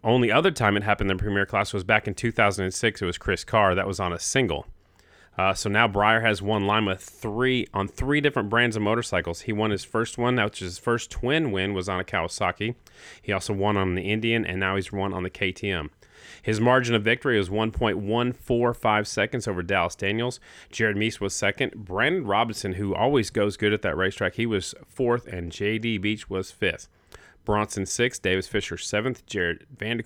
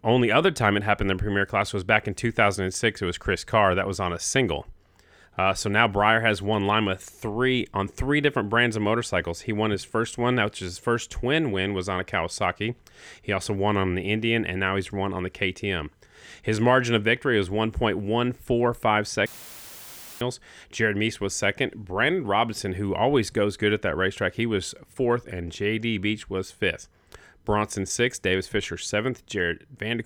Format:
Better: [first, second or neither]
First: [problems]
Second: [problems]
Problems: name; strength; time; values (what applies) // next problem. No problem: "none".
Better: first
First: none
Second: audio cutting out; filled with static; at 19 s for 1 s